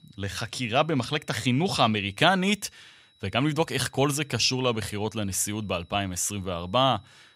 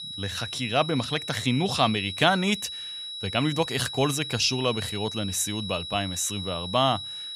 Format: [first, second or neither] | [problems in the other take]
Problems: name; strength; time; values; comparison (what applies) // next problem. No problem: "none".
first | high-pitched whine; loud; throughout; 4 kHz, 7 dB below the speech; faint in the first